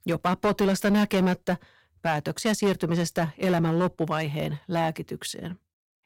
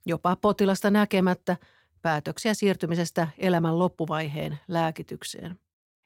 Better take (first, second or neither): second